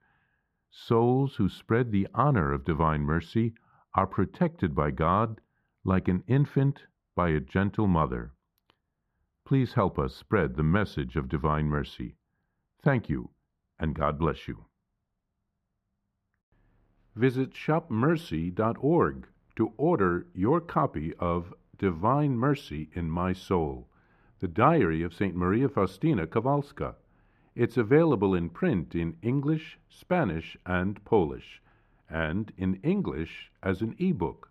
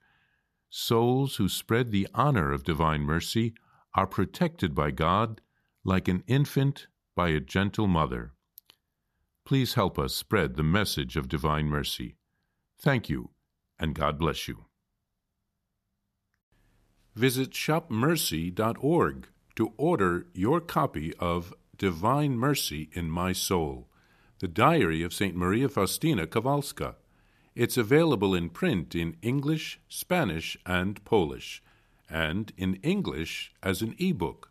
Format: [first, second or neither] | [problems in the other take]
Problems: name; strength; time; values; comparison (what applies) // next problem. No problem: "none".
second | muffled; very; fading above 3.5 kHz